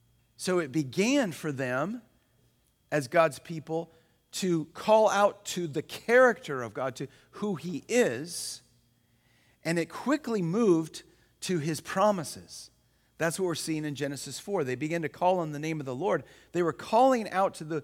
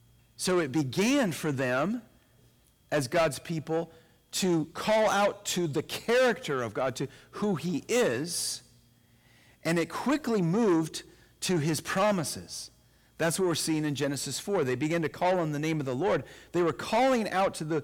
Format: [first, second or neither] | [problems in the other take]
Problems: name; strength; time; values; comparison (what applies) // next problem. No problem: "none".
first | distortion; heavy; 7 dB below the speech